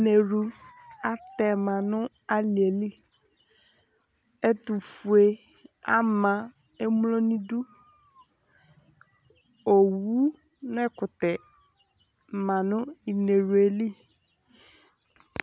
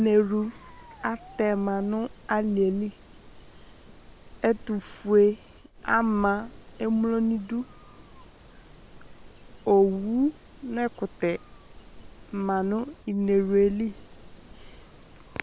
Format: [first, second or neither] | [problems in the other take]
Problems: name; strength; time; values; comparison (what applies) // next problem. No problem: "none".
first | background sound (Insect); 19 dB below the speech